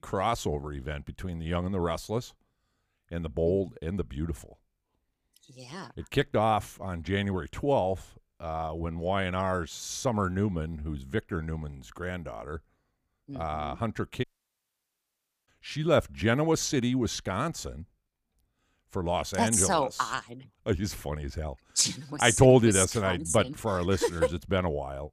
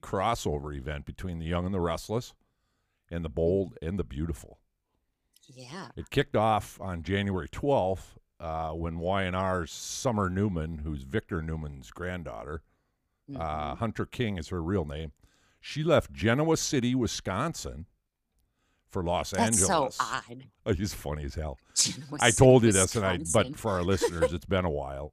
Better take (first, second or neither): second